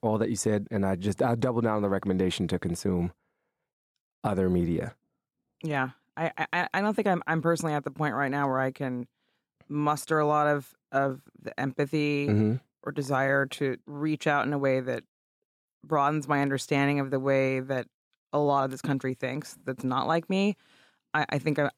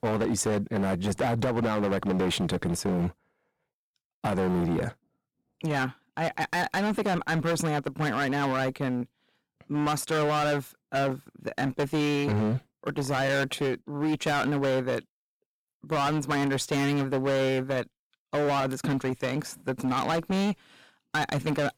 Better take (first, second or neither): first